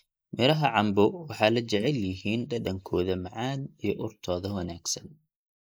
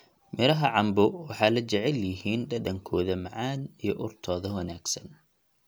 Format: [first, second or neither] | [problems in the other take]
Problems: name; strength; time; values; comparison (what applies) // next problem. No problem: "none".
second | noise reduction (neural mask model Resemble Enhance denoiser)